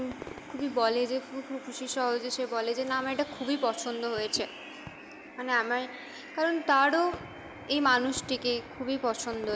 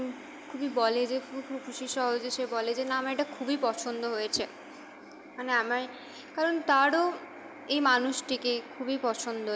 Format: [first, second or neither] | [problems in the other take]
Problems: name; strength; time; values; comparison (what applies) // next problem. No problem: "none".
second | background sound (Fireworks); 19 dB below the speech